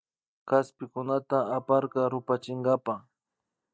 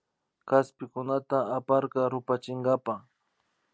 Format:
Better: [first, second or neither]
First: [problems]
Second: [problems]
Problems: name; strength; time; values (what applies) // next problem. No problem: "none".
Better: second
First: noise reduction (neural mask model DeepFilterNet 3)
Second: none